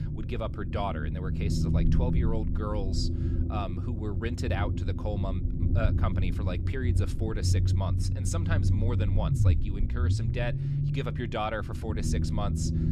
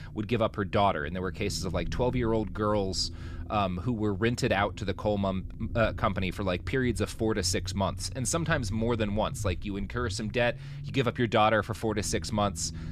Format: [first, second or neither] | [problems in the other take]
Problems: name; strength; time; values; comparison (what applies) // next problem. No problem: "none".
second | low rumble; loud; throughout; 5 dB below the speech; faint in the second